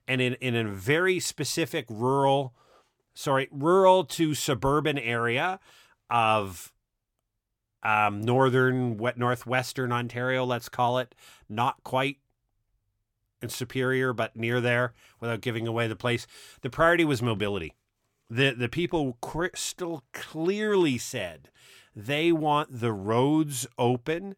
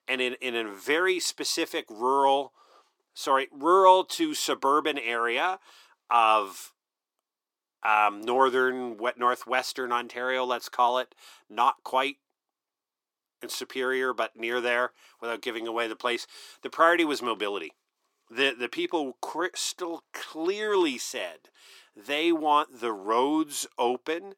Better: first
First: none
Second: thin; somewhat; fading below 300 Hz

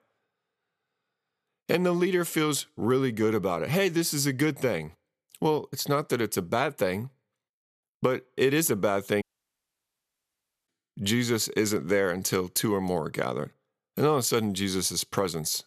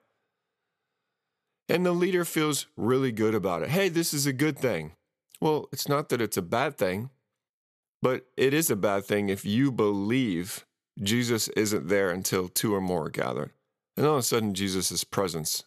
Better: second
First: audio cutting out; at 9 s for 1.5 s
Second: none

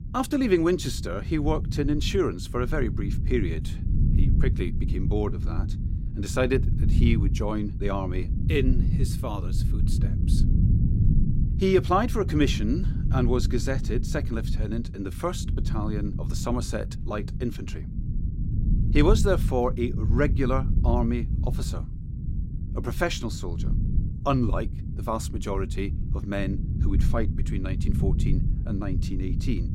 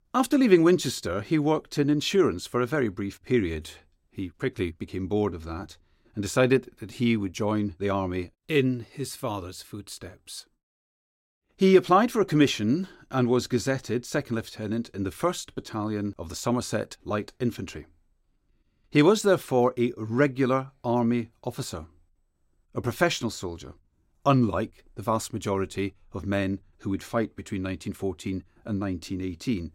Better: second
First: low rumble; noticeable; throughout; 10 dB below the speech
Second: none

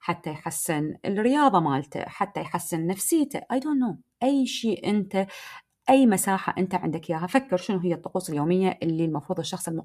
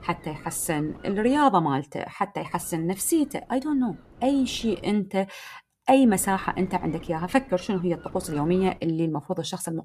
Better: first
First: none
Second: wind noise on the microphone; occasional gusts; until 1.5 s, from 2.5 to 5 s and from 6 to 9 s; 20 dB below the speech

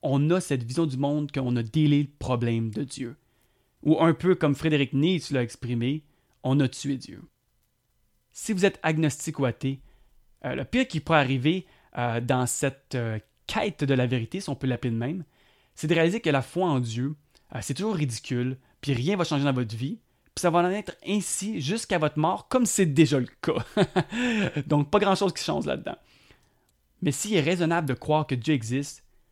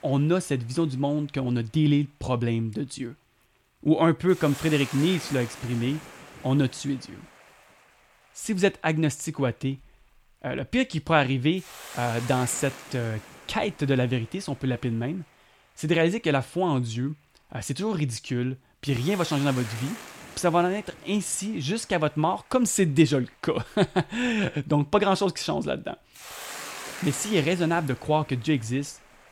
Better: first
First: none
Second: hiss; noticeable; throughout; 15 dB below the speech

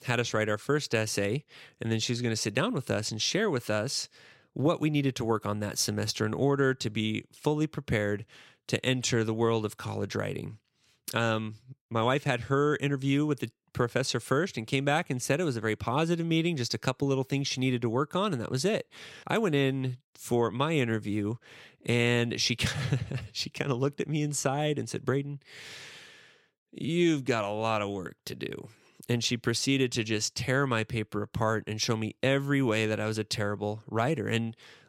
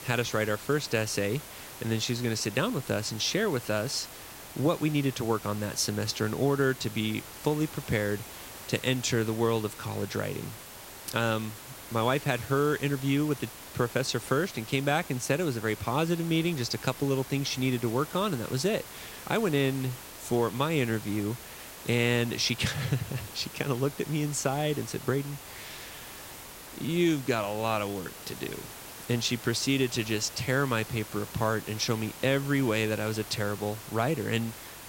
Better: first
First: none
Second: hiss; noticeable; throughout; 15 dB below the speech

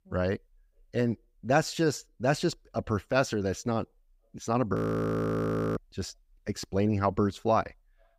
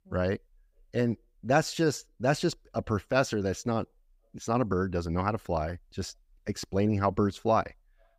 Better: second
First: audio freezing; at 5 s for 1 s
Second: none

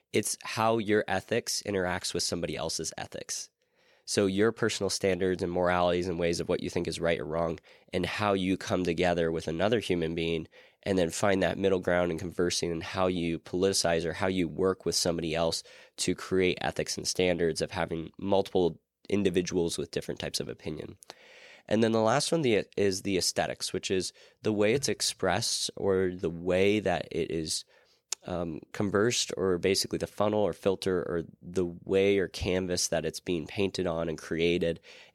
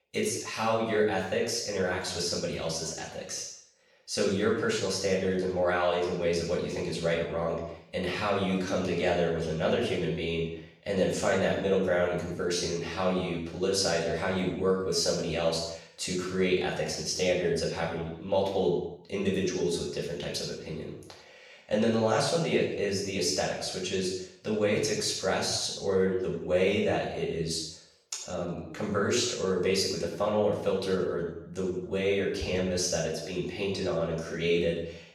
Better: first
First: none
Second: room echo; noticeable; dies away in 0.7 s // off-mic speech; far

